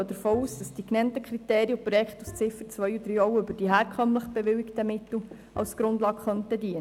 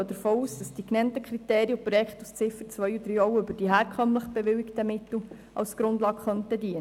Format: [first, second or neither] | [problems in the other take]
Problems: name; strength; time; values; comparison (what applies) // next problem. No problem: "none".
second | background sound (Bowed string instrument); 19 dB below the speech